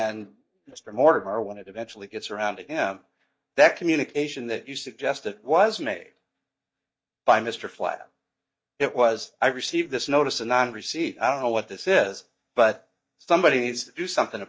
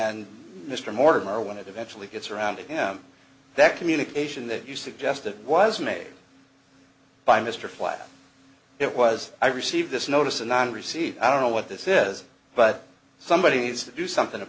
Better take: second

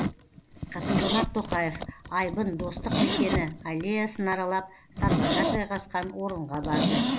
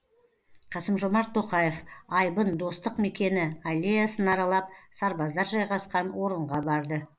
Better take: second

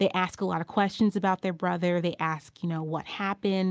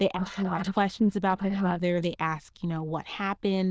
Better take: first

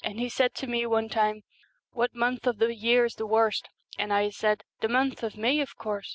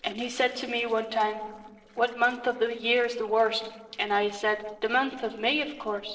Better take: first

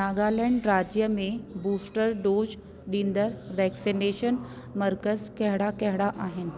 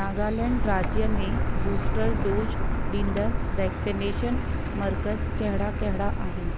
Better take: first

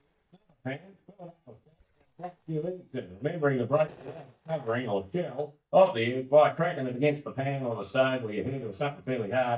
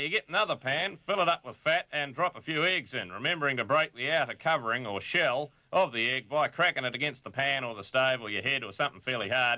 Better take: second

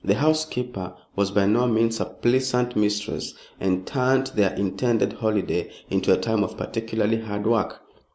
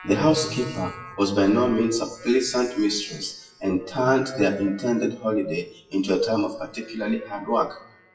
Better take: first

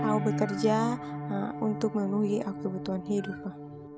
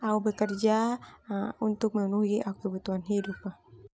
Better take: second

